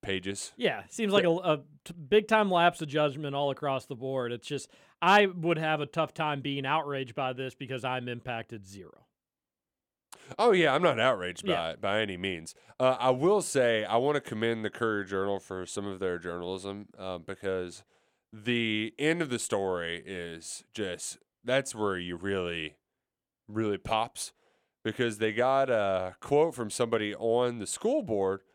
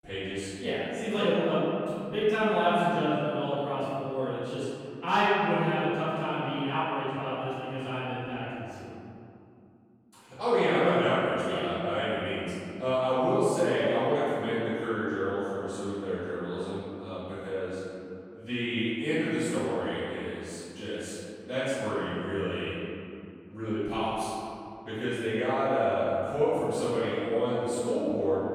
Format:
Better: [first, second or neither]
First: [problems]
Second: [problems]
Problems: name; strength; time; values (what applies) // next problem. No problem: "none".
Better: first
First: none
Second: off-mic speech; far // room echo; strong; dies away in 2.6 s